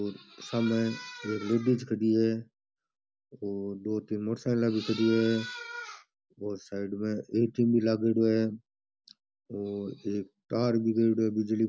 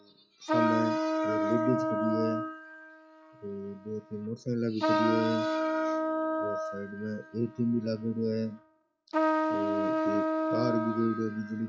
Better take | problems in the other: first | noise reduction (classical method log-MMSE)

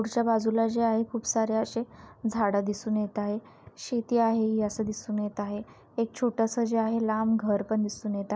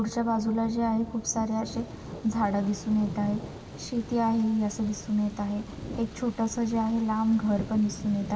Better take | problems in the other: first | background sound (Thunder); 12 dB below the speech // room echo; dies away in 1.7 s

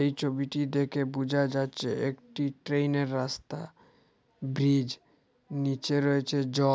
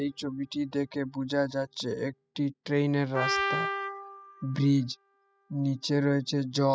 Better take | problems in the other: first | noise reduction (classical method spectral subtraction)

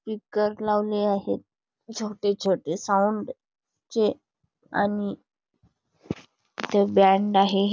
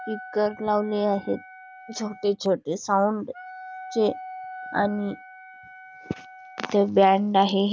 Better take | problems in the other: first | background sound (Wind instrument, woodwind instrument); 17 dB below the speech

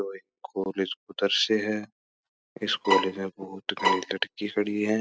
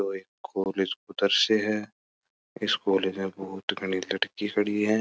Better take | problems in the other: second | noise reduction (classical method spectral subtraction)

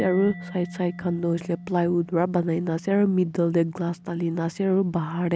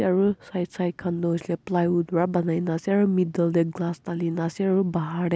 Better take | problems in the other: second | background sound (Mallet percussion); 17 dB below the speech

